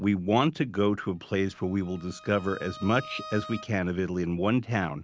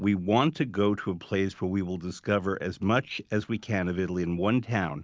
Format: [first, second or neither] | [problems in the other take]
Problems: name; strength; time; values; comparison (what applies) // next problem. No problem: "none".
second | background sound (Bowed string instrument); 18 dB below the speech